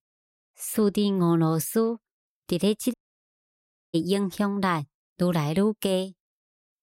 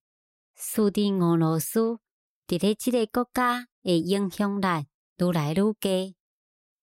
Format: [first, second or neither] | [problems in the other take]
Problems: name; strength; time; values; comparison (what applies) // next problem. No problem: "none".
second | audio cutting out; at 3 s for 1 s